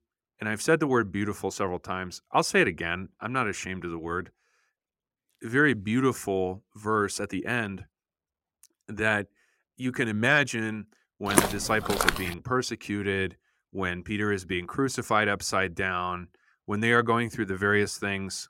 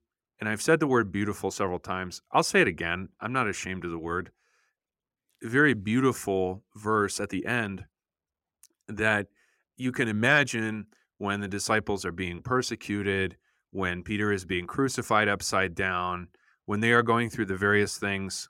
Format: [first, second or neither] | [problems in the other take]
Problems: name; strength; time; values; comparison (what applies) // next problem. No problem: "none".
second | footsteps; loud; at 11 s; peak 4 dB above the speech